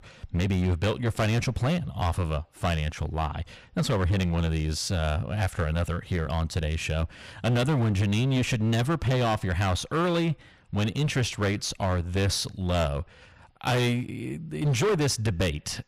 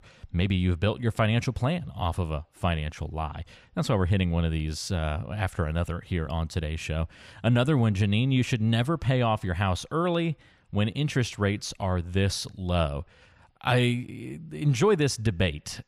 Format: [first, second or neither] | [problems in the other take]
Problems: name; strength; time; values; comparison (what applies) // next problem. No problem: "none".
second | distortion; heavy; 16% of the sound clipped